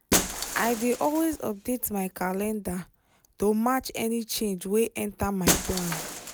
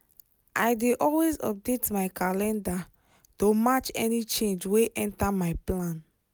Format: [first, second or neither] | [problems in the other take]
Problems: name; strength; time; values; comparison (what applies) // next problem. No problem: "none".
second | background sound (Shatter); 5 dB below the speech